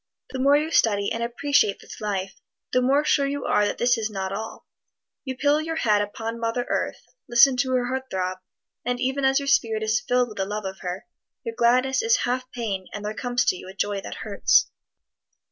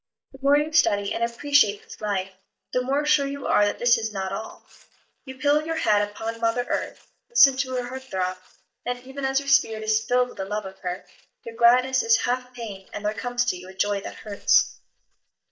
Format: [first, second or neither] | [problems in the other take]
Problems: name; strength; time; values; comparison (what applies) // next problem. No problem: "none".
first | noise reduction (neural mask model DeepFilterNet 3)